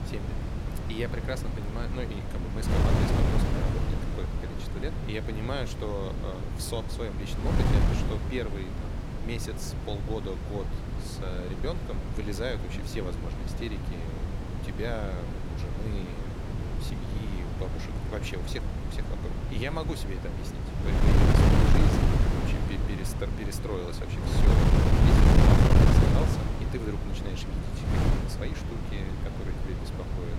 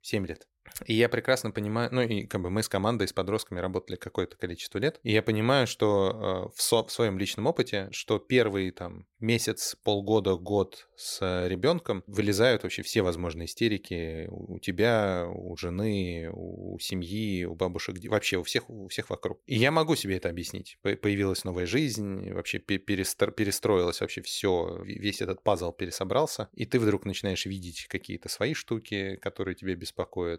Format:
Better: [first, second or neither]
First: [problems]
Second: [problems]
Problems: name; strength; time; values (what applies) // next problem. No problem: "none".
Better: second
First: wind noise on the microphone; heavy; 3 dB above the speech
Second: none